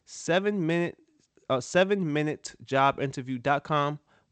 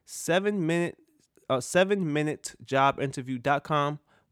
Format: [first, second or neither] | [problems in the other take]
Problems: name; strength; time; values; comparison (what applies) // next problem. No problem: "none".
second | garbled, watery; slightly; nothing above 8 kHz